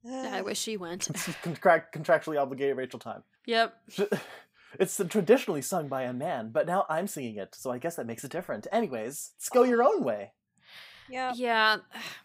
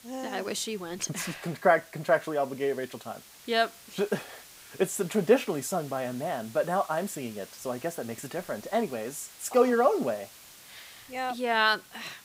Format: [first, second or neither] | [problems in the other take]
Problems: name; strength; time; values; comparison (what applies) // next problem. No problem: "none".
first | hiss; noticeable; throughout; 20 dB below the speech